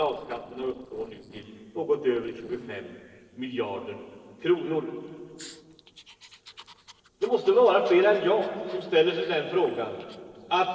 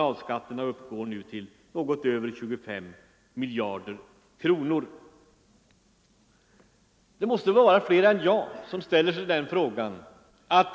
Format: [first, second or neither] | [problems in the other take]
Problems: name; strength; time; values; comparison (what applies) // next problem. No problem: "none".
second | noise reduction (neural separator model SepFormer DNS4)